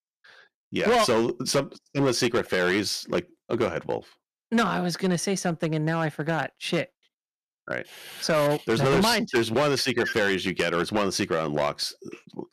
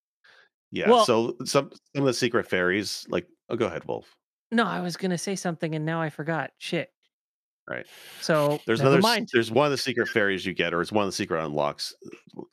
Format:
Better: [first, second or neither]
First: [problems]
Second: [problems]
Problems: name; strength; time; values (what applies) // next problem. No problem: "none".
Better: second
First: distortion; heavy; 7% of the sound clipped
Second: none